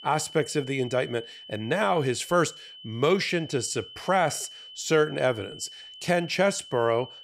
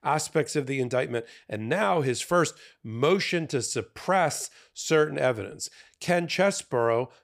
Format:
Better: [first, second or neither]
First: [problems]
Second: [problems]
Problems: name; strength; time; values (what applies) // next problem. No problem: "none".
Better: second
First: high-pitched whine; noticeable; throughout; 3 kHz, 15 dB below the speech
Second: none